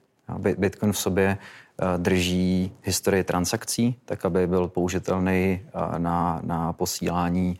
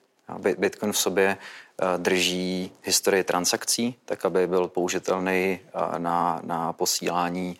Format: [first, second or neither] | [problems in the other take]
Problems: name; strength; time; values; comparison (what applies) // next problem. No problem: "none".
first | thin; somewhat; fading below 300 Hz